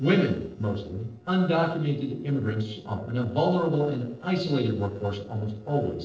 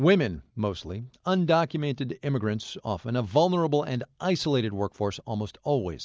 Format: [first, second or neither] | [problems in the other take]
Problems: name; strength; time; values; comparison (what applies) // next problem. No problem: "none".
second | noise reduction (neural separator model SepFormer DNS4)